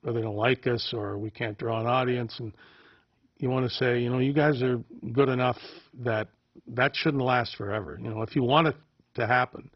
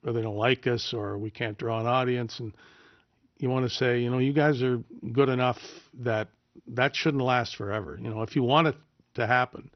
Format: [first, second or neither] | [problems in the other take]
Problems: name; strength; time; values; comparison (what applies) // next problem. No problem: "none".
second | garbled, watery; badly; nothing above 5.5 kHz; slightly in the second